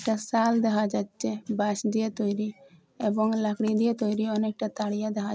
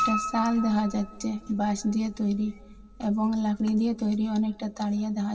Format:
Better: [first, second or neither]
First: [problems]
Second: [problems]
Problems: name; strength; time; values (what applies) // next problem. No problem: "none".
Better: first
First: none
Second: background sound (Piano); 11 dB below the speech // room echo; dies away in 1.7 s